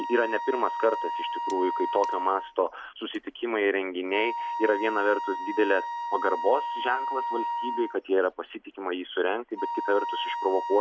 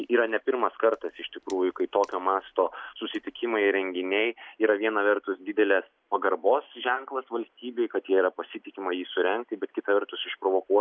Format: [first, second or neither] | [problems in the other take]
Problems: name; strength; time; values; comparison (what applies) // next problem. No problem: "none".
second | background sound (Wind instrument, woodwind instrument); 5 dB below the speech